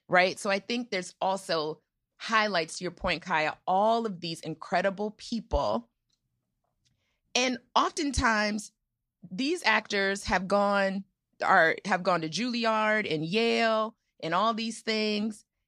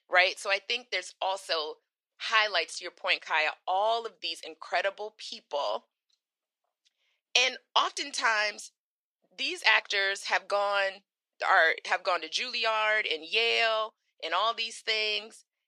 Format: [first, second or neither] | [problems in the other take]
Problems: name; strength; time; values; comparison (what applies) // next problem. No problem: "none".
first | thin; very; fading below 450 Hz